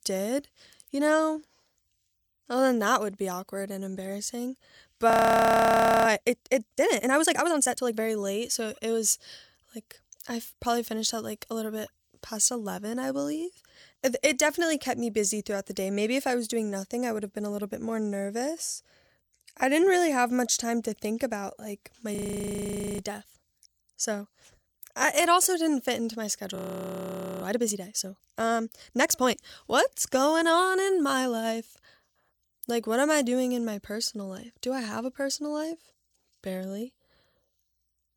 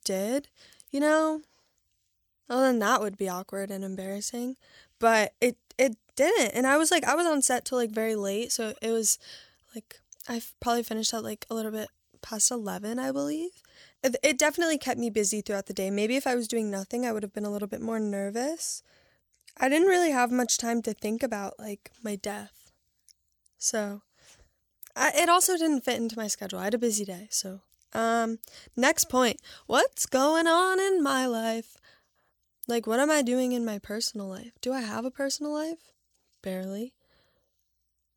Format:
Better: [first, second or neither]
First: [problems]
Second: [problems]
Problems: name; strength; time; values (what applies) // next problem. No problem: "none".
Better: second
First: audio freezing; at 5 s for 1 s, at 22 s for 1 s and at 27 s for 1 s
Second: none